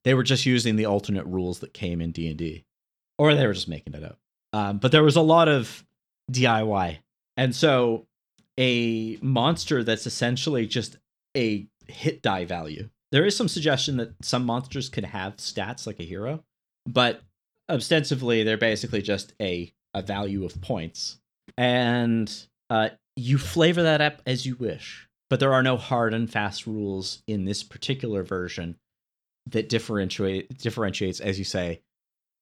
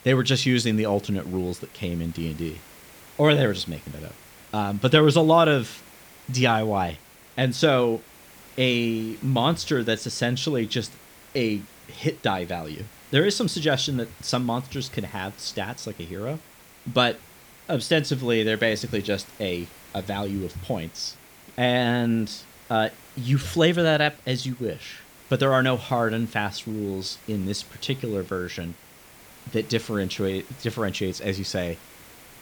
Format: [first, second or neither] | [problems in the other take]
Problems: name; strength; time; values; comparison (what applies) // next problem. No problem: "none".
first | hiss; faint; throughout; 20 dB below the speech